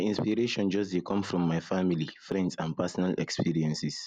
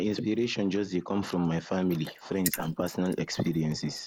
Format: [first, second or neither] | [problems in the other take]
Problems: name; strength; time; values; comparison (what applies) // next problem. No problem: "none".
first | noise reduction (neural mask model Resemble Enhance denoiser)